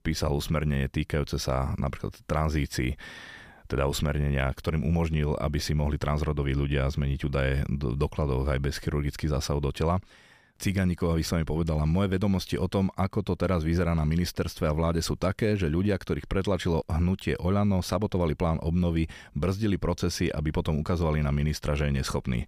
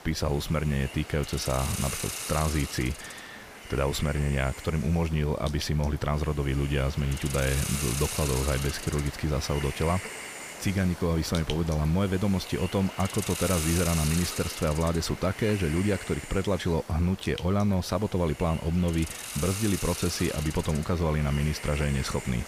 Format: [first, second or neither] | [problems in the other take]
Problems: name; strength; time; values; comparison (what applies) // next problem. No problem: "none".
first | hiss; loud; throughout; 8 dB below the speech